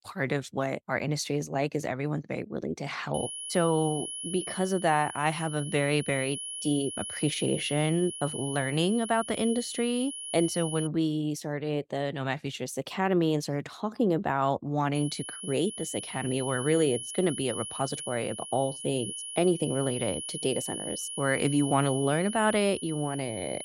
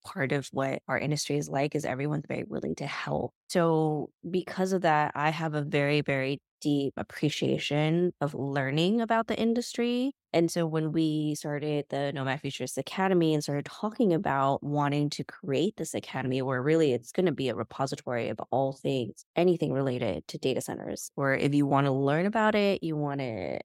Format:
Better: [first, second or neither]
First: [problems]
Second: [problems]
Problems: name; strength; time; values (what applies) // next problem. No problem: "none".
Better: second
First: high-pitched whine; loud; from 3 to 11 s and from 15 s on; 10.5 kHz, 7 dB below the speech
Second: none